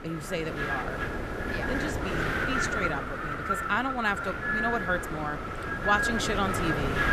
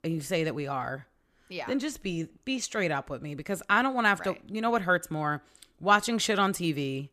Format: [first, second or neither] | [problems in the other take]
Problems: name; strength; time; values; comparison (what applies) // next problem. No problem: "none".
second | wind noise on the microphone; heavy; 2 dB above the speech